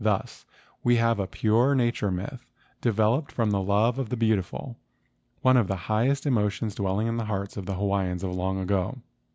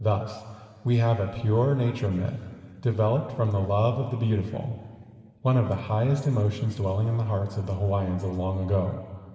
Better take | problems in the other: first | room echo; dies away in 2.1 s

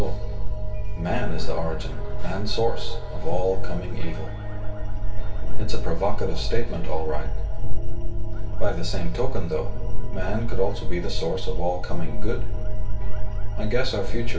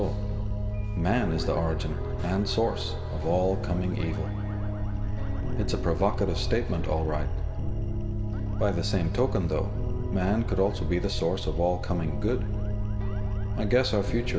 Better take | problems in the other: second | room echo; dies away in 0.2 s

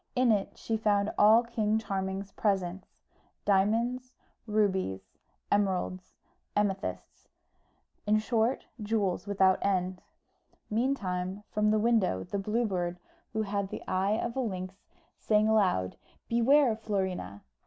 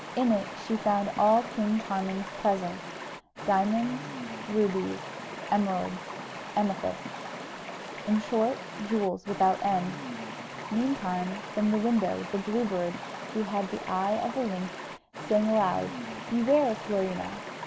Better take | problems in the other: first | background sound (Stream); 10 dB below the speech

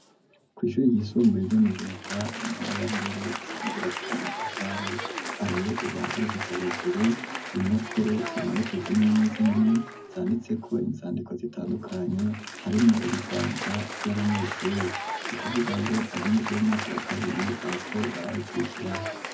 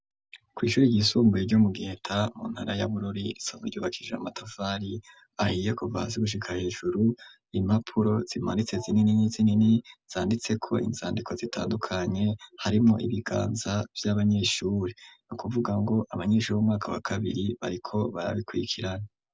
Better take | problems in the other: second | background sound (Applause); 8 dB below the speech // room echo; dies away in 0.3 s

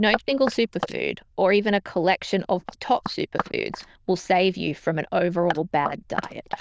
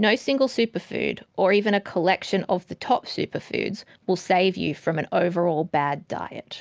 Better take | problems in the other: second | noise reduction (neural diffusion model UNIVERSE++)

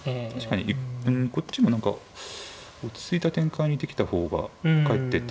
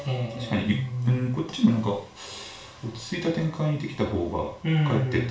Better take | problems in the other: first | room echo; dies away in 0.3 s

